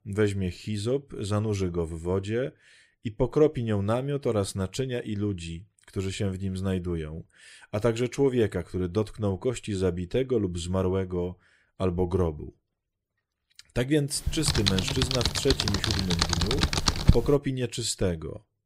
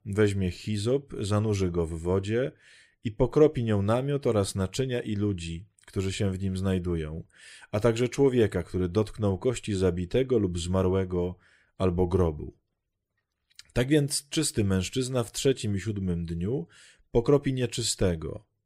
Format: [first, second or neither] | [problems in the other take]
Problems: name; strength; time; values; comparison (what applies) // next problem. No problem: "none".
second | keyboard typing; loud; from 14 to 17 s; peak 5 dB above the speech